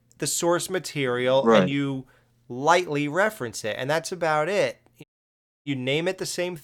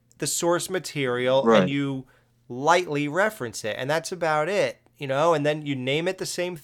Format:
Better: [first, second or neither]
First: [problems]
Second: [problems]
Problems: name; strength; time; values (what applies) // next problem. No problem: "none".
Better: second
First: audio cutting out; at 5 s for 0.5 s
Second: none